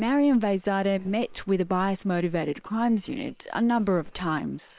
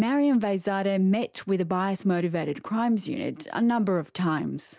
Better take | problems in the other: second | noise reduction (neural separator model SepFormer WHAM!)

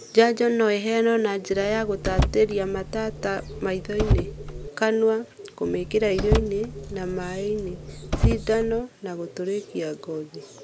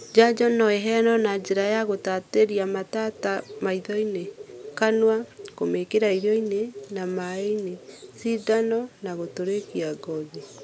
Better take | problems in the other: second | background sound (Car); 3 dB below the speech

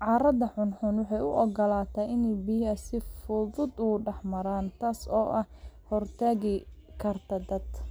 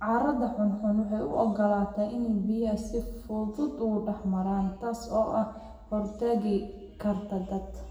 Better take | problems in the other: first | room echo; dies away in 1 s

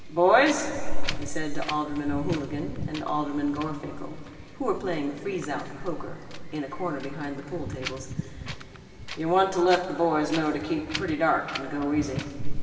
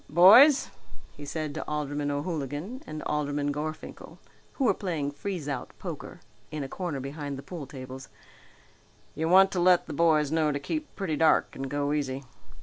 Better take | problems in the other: second | background sound (Wind); 14 dB below the speech // room echo; dies away in 2.4 s

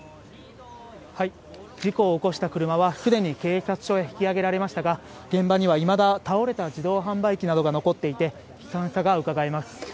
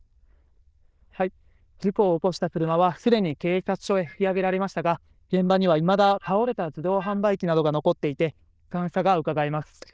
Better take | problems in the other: first | noise reduction (neural diffusion model UNIVERSE++)

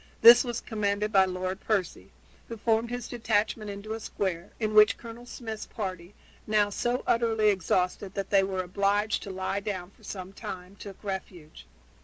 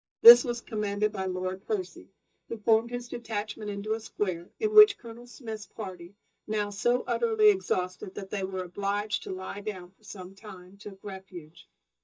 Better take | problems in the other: first | noise reduction (neural mask model DeepFilterNet 3)

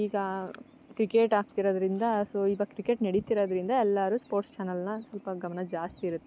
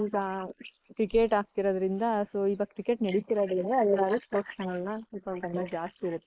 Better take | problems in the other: first | noise reduction (neural mask model Resemble Enhance denoiser)

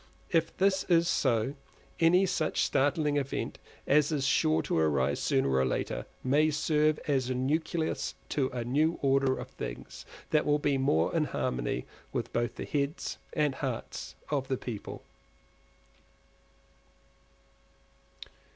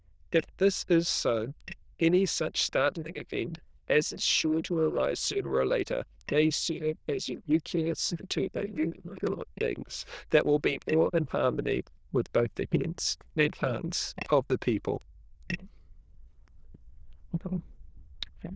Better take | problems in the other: first | noise reduction (neural diffusion model UNIVERSE++)

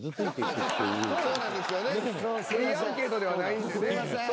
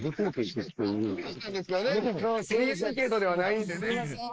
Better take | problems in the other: first | noise reduction (neural mask model Resemble Enhance denoiser)

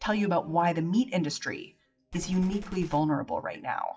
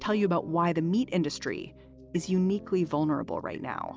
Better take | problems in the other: second | noise reduction (classical method WPE with log-MMSE)

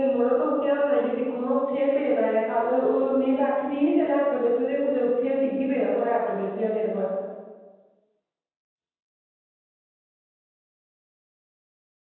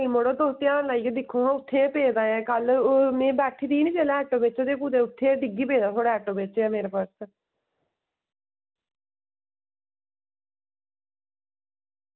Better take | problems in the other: second | room echo; dies away in 1.2 s

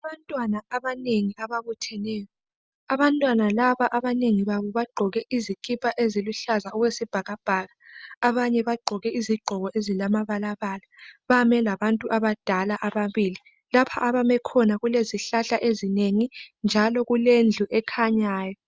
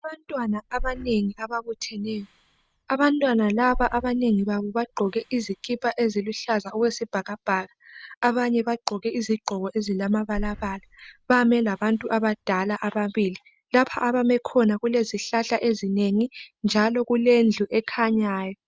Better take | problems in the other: first | background sound (Breathing); 14 dB below the speech

